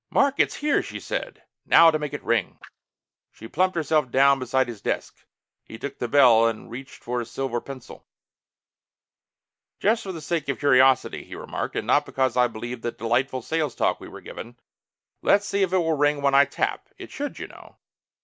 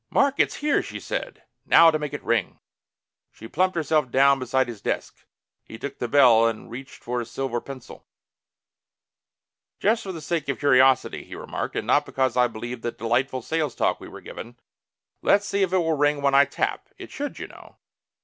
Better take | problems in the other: second | noise reduction (neural mask model Resemble Enhance denoiser)

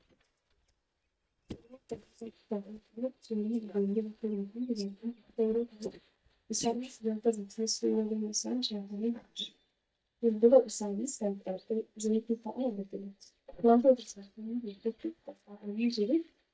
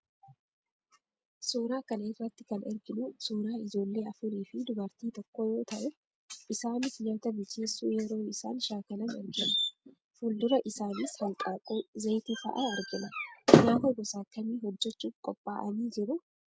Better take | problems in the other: second | noise reduction (neural mask model DeepFilterNet 3)

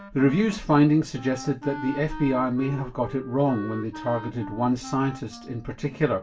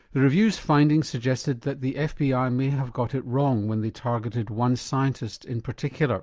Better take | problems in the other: second | background sound (Wind instrument, woodwind instrument); 15 dB below the speech // room echo; dies away in 0.2 s

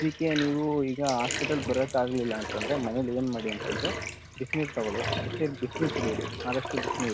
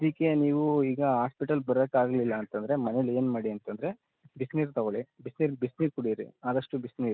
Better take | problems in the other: second | background sound (Bathtub (filling or washing)); 5 dB below the speech

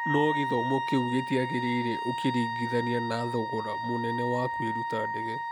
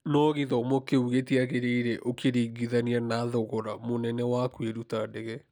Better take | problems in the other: second | background sound (Wind instrument, woodwind instrument); 2 dB below the speech

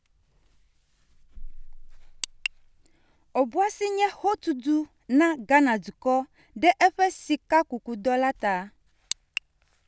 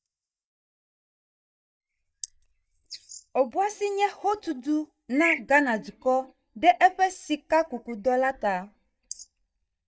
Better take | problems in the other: first | noise reduction (neural mask model DeepFilterNet 3)

